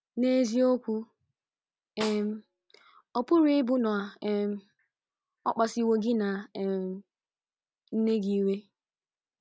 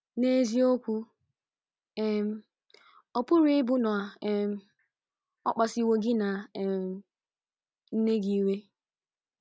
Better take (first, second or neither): second